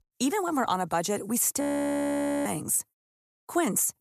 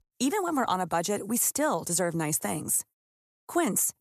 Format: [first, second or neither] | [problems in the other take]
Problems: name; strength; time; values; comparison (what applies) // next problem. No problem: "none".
second | audio freezing; at 1.5 s for 1 s